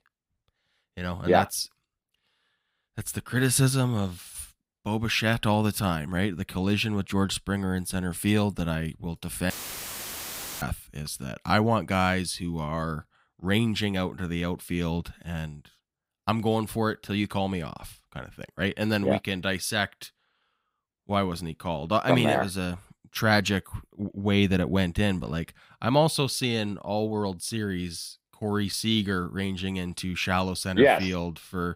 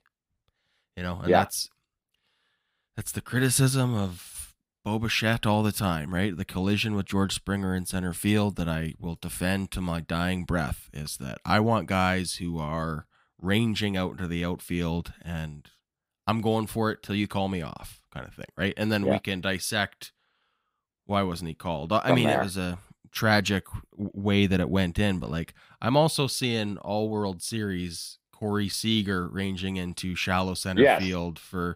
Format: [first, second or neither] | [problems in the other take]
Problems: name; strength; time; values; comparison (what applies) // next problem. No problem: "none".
second | audio cutting out; filled with static; at 9.5 s for 1 s